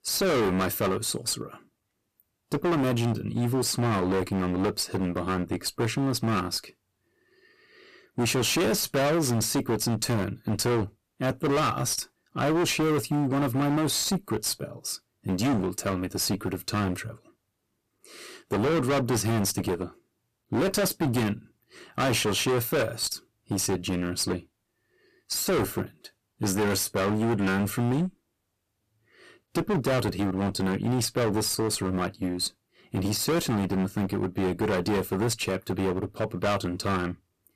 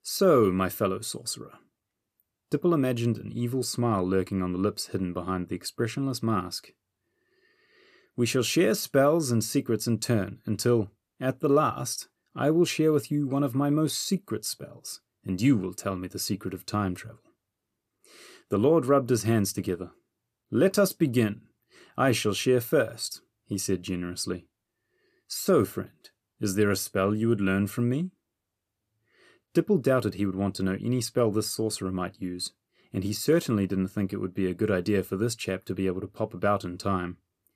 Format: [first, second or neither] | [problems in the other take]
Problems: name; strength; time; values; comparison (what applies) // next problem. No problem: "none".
second | distortion; heavy; 21% of the sound clipped